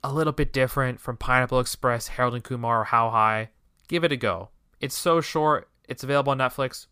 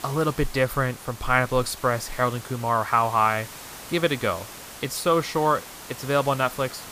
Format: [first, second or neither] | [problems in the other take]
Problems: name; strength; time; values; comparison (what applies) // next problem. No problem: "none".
first | hiss; noticeable; throughout; 15 dB below the speech